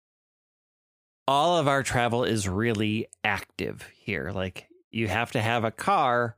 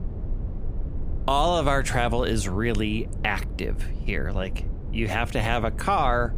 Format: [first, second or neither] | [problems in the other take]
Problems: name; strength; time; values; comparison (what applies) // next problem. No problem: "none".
first | low rumble; faint; throughout; 20 dB below the speech